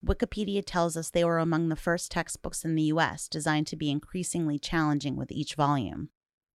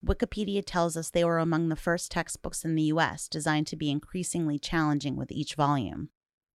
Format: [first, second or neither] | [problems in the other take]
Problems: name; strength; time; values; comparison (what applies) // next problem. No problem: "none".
neither | none